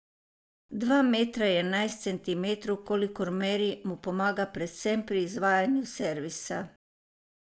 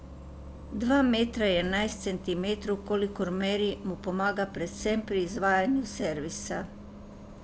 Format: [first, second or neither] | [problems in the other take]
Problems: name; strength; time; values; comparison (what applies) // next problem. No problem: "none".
first | background sound (Bus); 13 dB below the speech